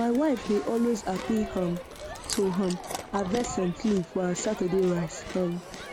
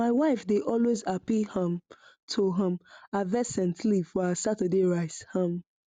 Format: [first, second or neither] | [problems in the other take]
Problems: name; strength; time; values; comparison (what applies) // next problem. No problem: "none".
second | background sound (Chewing, mastication + Crowd); 10 dB below the speech